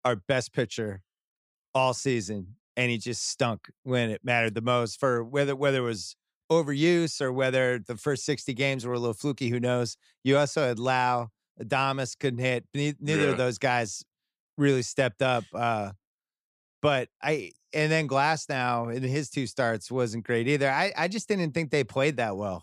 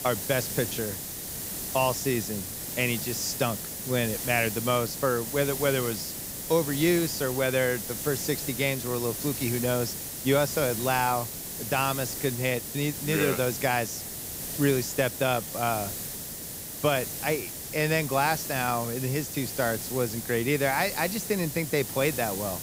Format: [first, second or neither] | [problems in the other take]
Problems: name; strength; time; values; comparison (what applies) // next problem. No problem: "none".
first | hiss; loud; throughout; 5 dB below the speech